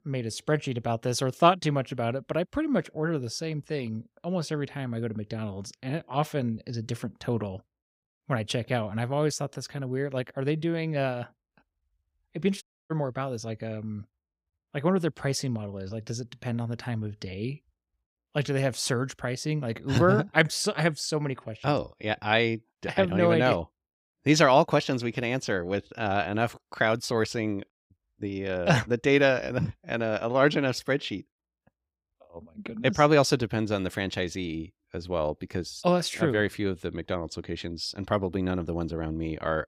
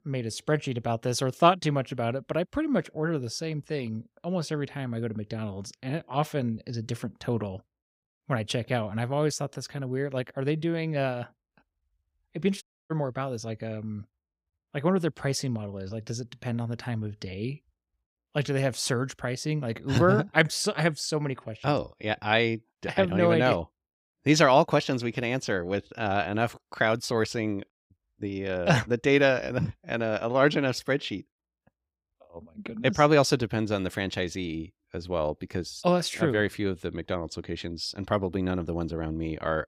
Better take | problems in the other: neither | audio cutting out; at 13 s and at 28 s; the same in both

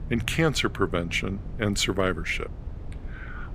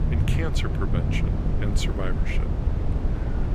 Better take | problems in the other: first | low rumble; loud; throughout; 2 dB below the speech; faint in the first

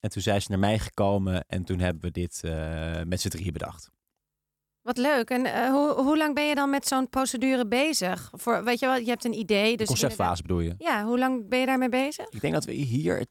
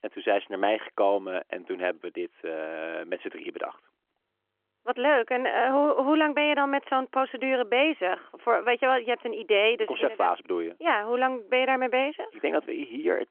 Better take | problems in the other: first | phone-call audio; nothing above 3 kHz

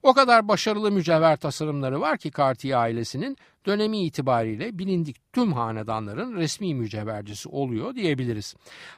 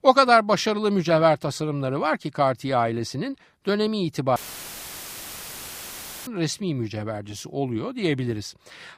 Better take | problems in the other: first | audio cutting out; filled with static; at 4.5 s for 2 s

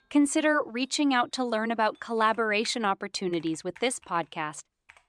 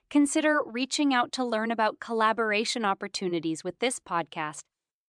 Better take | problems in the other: second | household noises; faint; throughout; 30 dB below the speech

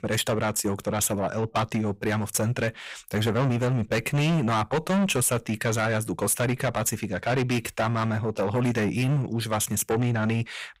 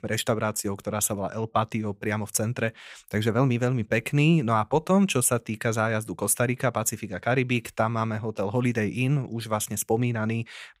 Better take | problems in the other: second | distortion; heavy; 6 dB below the speech

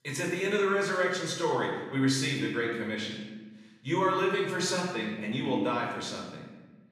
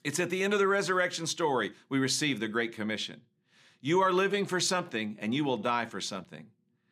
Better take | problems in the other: second | off-mic speech; far // room echo; noticeable; dies away in 1 s

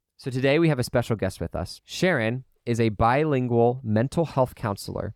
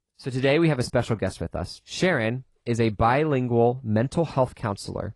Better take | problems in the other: first | garbled, watery; slightly; nothing above 10.5 kHz

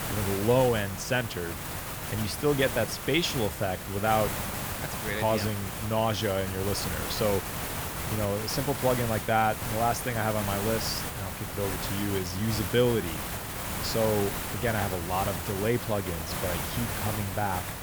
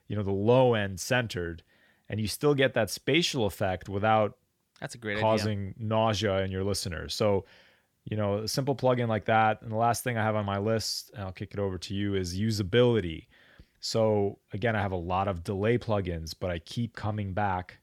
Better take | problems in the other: second | hiss; loud; throughout; 4 dB below the speech

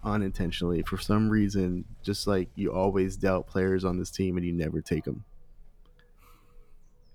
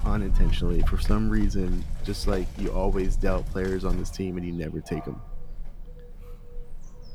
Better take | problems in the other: first | animal sounds; loud; throughout; 2 dB below the speech; faint in the first

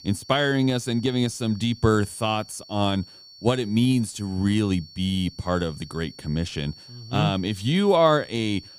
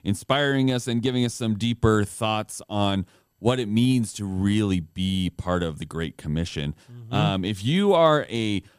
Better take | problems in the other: second | high-pitched whine; faint; throughout; 4.5 kHz, 20 dB below the speech

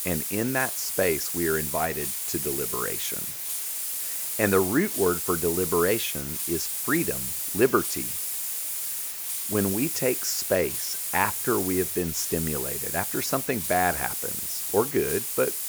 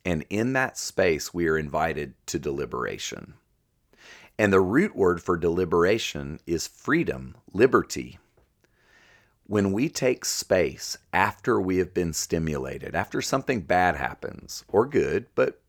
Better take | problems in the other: second | hiss; loud; throughout; 1 dB below the speech

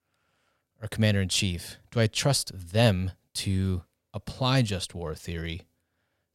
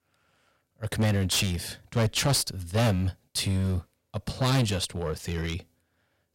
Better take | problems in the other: first | distortion; heavy; 10% of the sound clipped

